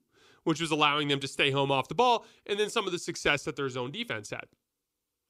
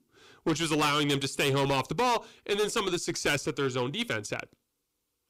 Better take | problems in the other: first | distortion; heavy; 11% of the sound clipped

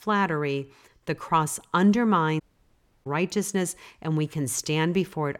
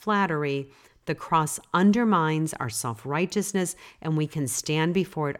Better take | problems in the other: second | audio cutting out; at 2.5 s for 0.5 s

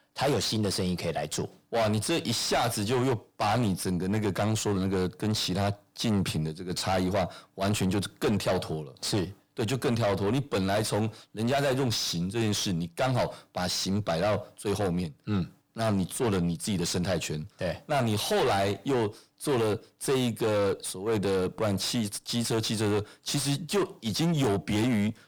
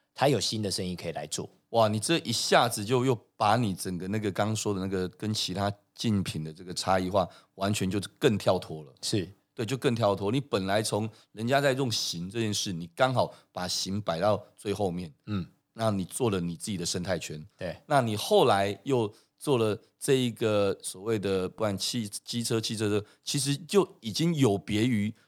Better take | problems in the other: second | distortion; heavy; 6 dB below the speech

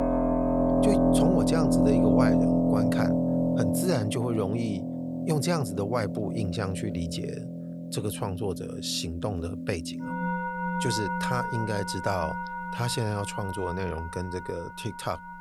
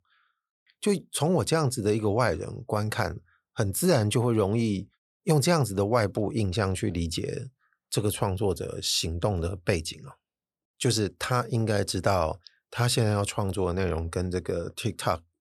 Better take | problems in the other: second | background music; very loud; throughout; 3 dB above the speech

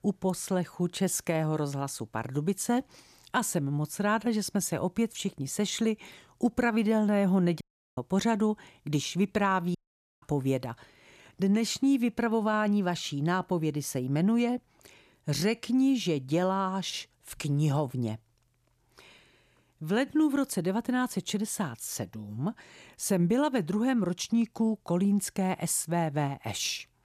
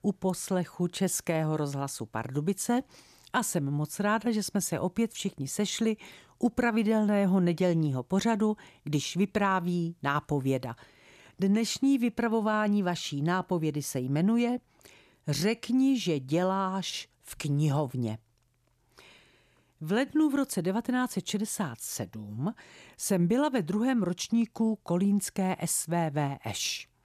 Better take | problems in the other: second | audio cutting out; at 7.5 s and at 10 s

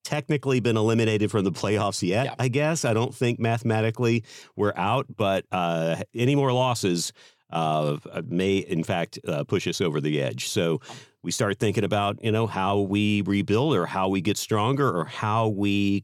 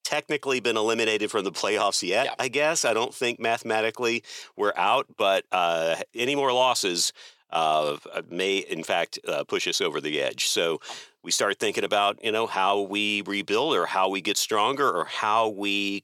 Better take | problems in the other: first | thin; somewhat; fading below 500 Hz

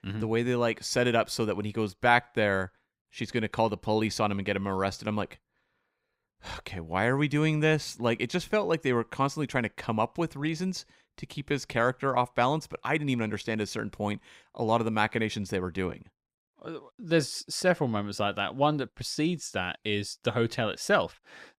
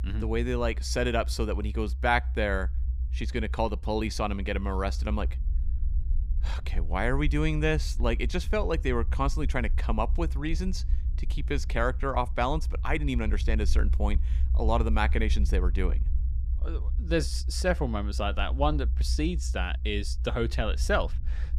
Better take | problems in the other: first | low rumble; faint; throughout; 20 dB below the speech

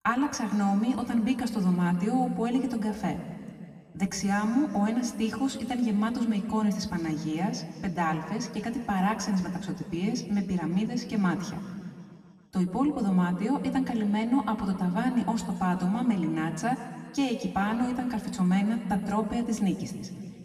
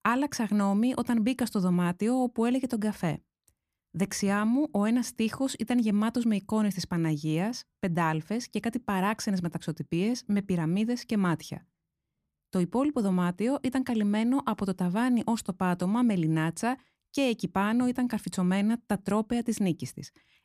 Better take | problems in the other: second | room echo; slight; dies away in 2.1 s // off-mic speech; far

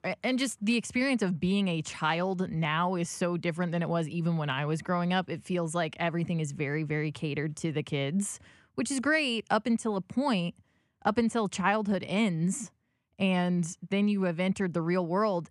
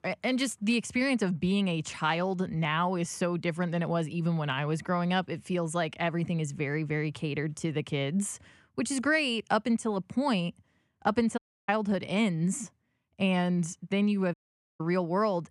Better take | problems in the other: first | audio cutting out; at 11 s and at 14 s

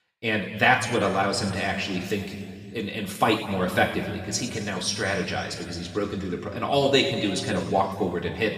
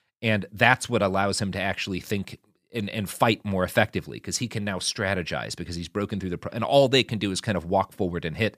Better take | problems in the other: second | room echo; noticeable; dies away in 1.9 s // off-mic speech; far

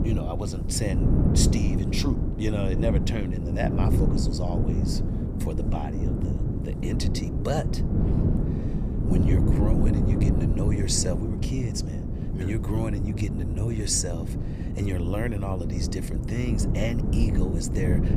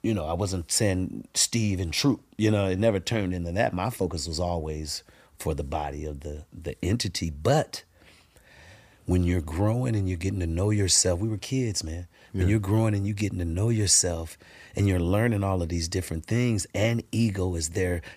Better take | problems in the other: second | wind noise on the microphone; heavy; 2 dB below the speech

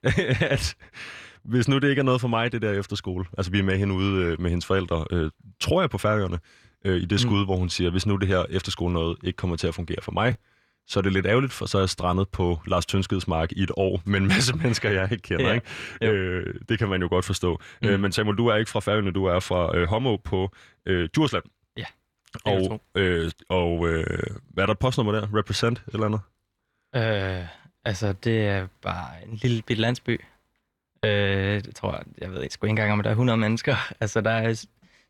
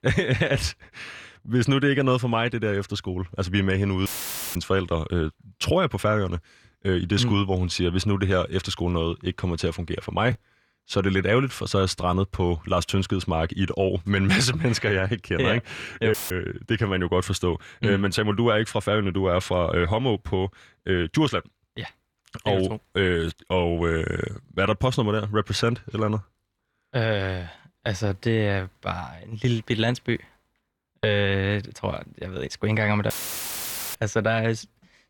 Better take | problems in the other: first | audio cutting out; filled with static; at 4 s, at 16 s and at 33 s for 1 s

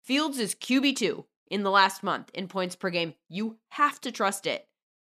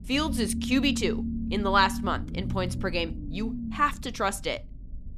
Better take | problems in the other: first | low rumble; noticeable; throughout; 15 dB below the speech

